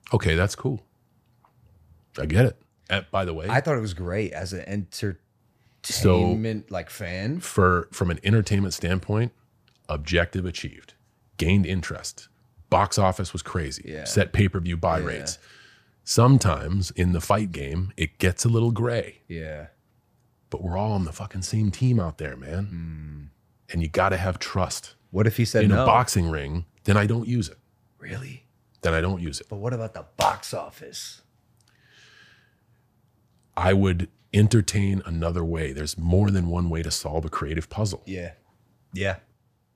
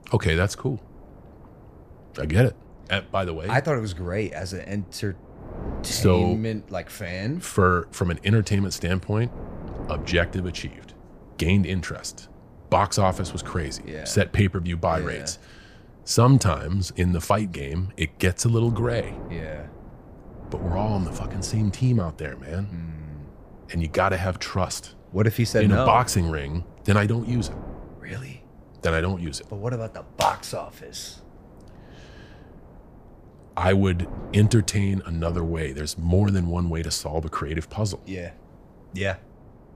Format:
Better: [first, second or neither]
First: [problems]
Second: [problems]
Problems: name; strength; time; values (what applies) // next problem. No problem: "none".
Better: first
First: none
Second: wind noise on the microphone; occasional gusts; 20 dB below the speech